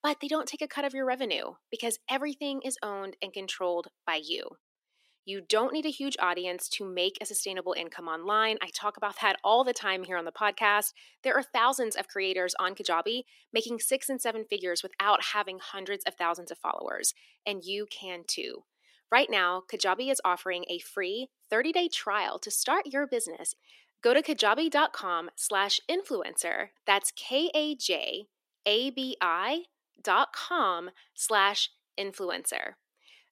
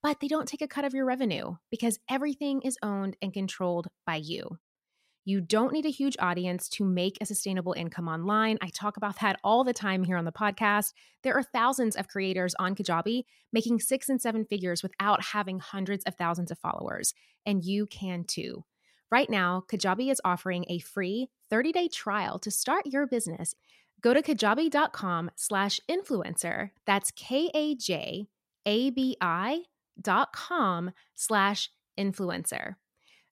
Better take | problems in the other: second | thin; somewhat; fading below 300 Hz

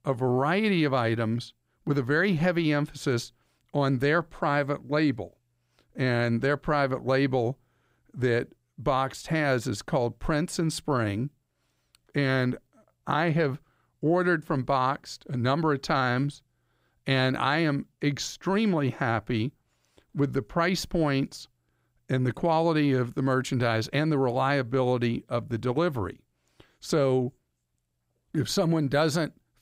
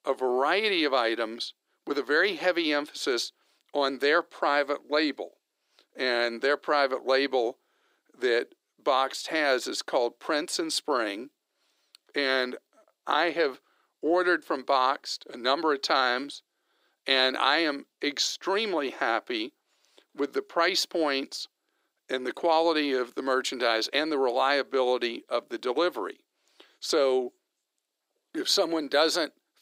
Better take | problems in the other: first | thin; somewhat; fading below 350 Hz

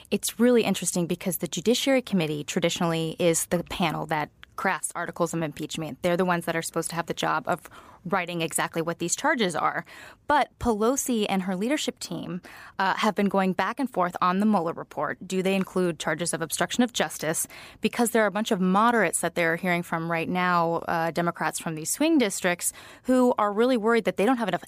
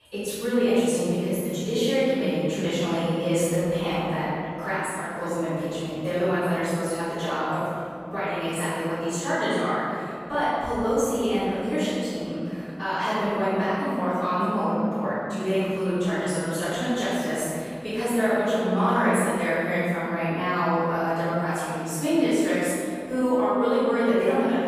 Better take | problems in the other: first | off-mic speech; far // room echo; strong; dies away in 2.7 s

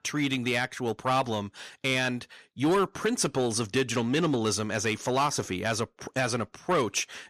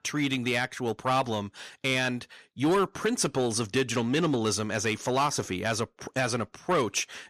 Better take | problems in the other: neither | distortion; slight; 10 dB below the speech; the same in both

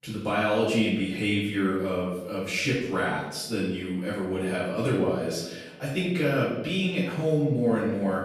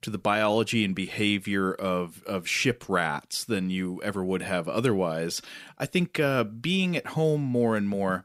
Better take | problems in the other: second | off-mic speech; far // room echo; noticeable; dies away in 0.8 s

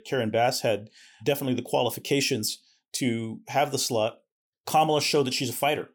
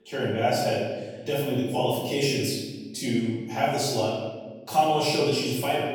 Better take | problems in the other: first | off-mic speech; far // room echo; noticeable; dies away in 1.2 s

